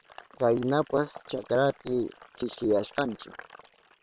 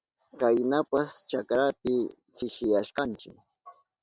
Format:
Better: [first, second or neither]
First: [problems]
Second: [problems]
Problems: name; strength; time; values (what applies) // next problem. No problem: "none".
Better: second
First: noise reduction (neural separator model SepFormer WHAM!)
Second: none